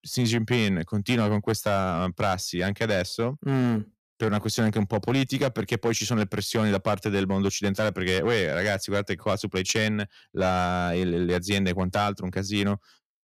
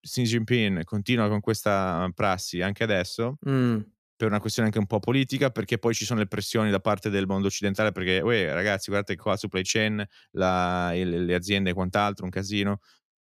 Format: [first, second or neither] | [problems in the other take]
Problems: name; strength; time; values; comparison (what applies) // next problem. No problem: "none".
second | distortion; slight; 5% of the sound clipped